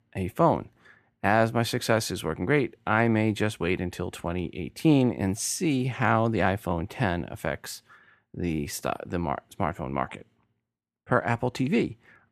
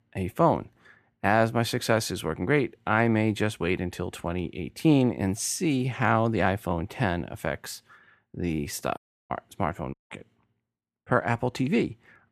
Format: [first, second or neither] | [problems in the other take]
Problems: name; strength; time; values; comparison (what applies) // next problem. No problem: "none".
first | audio cutting out; at 9 s and at 10 s